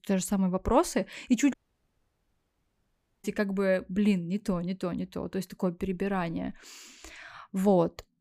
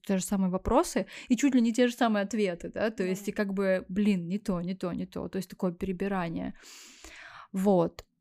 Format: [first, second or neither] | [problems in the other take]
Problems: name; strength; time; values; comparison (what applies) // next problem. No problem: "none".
second | audio cutting out; at 1.5 s for 1.5 s